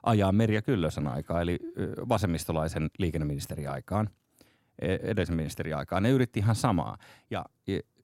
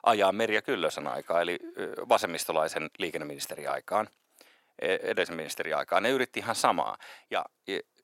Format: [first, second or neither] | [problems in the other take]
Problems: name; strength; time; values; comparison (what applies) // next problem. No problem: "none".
first | thin; very; fading below 600 Hz